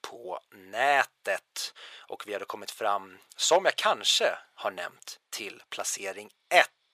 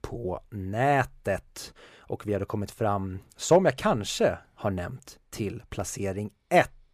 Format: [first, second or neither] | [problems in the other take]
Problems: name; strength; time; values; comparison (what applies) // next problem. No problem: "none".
second | thin; very; fading below 750 Hz